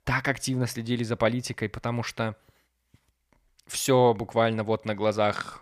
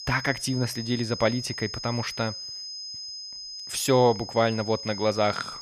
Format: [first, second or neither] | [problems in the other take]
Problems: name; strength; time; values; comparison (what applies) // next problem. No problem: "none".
first | high-pitched whine; loud; throughout; 5 kHz, 9 dB below the speech